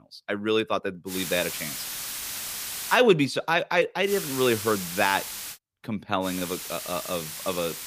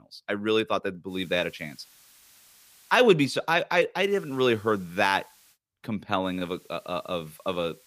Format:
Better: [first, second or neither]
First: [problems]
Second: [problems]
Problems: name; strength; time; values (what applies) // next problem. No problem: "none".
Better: second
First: hiss; loud; from 1 to 3 s, from 4 to 5.5 s and from 6.5 s on; 7 dB below the speech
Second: hiss; faint; from 1 to 3 s, from 4 to 5.5 s and from 6.5 s on; 30 dB below the speech